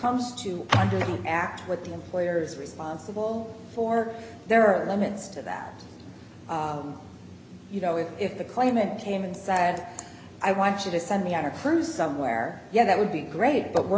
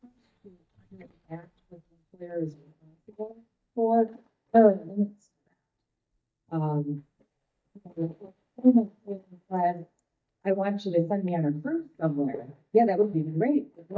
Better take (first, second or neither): first